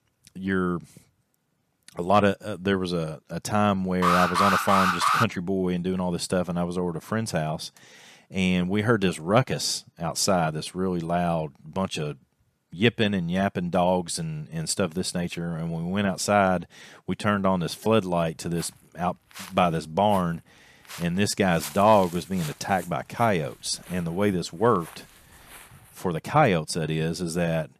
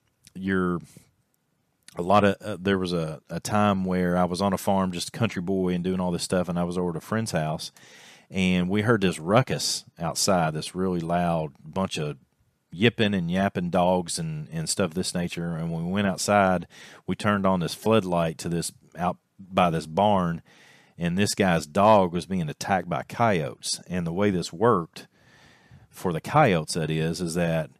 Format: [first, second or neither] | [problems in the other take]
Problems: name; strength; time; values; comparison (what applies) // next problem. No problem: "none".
second | alarm; loud; from 4 to 5 s; peak 4 dB above the speech // footsteps; faint; from 19 to 26 s; peak 10 dB below the speech